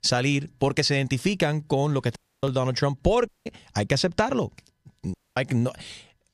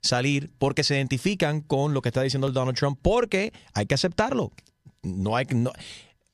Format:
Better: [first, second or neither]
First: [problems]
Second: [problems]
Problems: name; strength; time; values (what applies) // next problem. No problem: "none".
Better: second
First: audio cutting out; at 2 s, at 3.5 s and at 5 s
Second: none